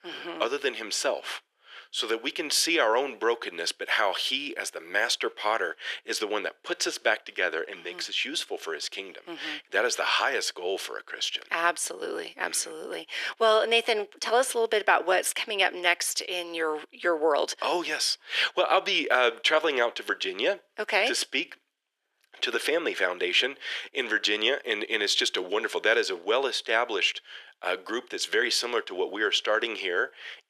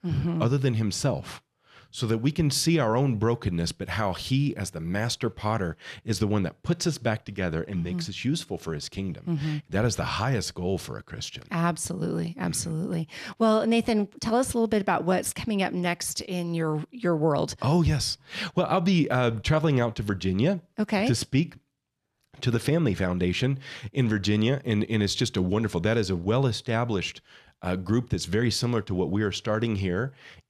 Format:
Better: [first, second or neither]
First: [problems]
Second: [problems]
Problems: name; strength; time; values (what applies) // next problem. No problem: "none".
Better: second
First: thin; very; fading below 400 Hz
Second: none